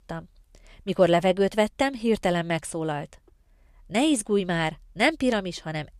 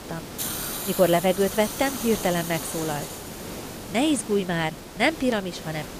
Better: first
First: none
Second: hiss; loud; throughout; 8 dB below the speech

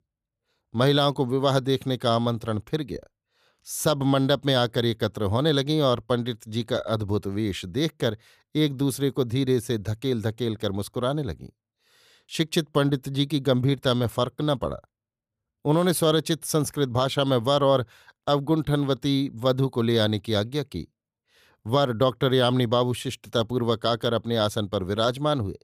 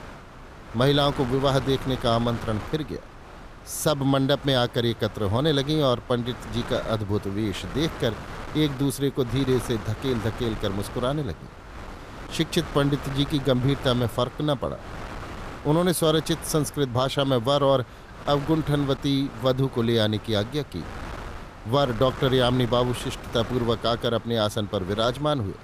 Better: first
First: none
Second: wind noise on the microphone; occasional gusts; 15 dB below the speech

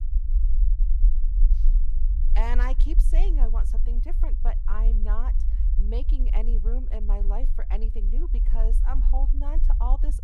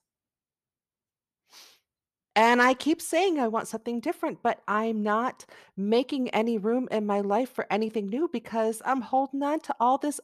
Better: second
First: low rumble; noticeable; throughout; 10 dB below the speech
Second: none

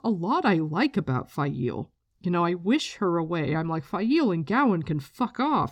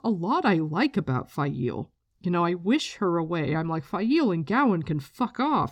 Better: neither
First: none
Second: none

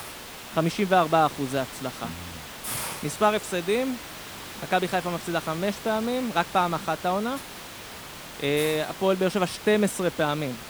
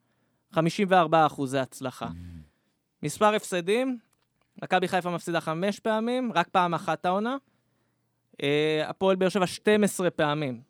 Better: second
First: hiss; noticeable; throughout; 10 dB below the speech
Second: none

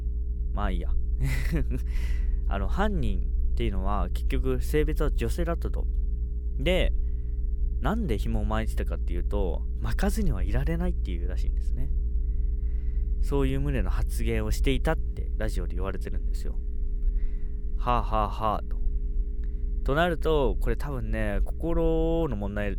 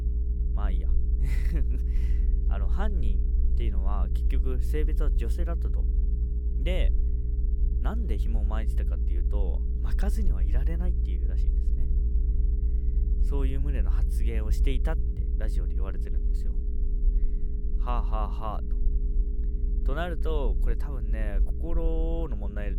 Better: first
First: low rumble; faint; throughout; 20 dB below the speech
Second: low rumble; loud; throughout; 9 dB below the speech

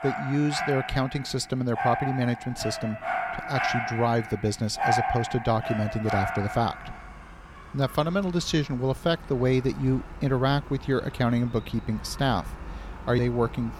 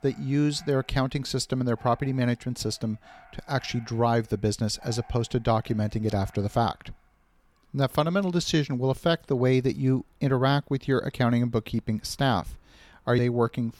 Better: second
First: animal sounds; loud; throughout; 6 dB below the speech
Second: animal sounds; faint; throughout; 30 dB below the speech

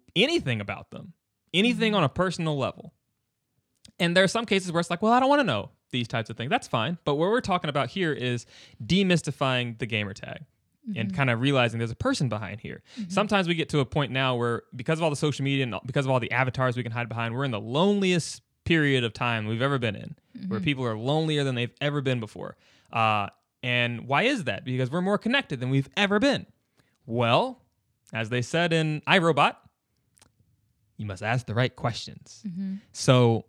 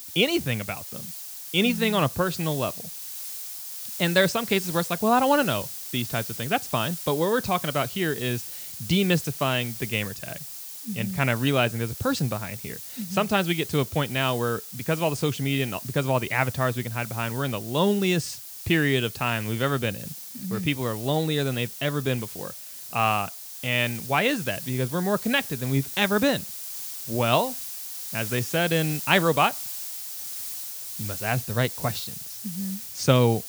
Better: first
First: none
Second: hiss; loud; throughout; 9 dB below the speech

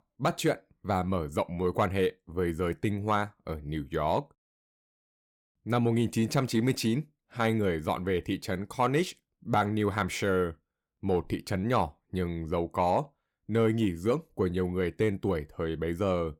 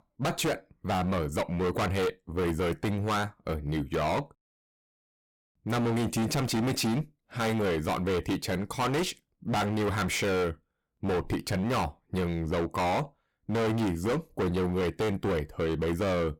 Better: first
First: none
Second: distortion; heavy; 23% of the sound clipped

